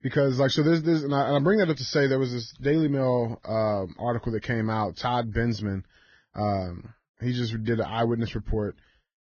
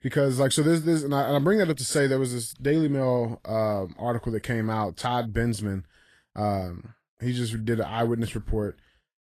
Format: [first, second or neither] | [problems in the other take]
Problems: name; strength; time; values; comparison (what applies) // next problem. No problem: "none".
second | garbled, watery; badly; nothing above 6 kHz; slightly in the second